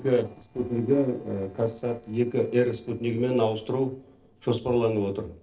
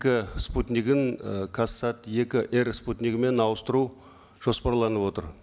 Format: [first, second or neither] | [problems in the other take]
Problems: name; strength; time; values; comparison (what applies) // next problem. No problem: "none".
second | noise reduction (neural separator model SepFormer DNS4)